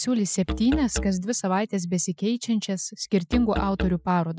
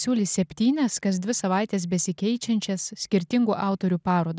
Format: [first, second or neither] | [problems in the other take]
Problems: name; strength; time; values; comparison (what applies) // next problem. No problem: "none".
second | noise reduction (classical method Wiener filter)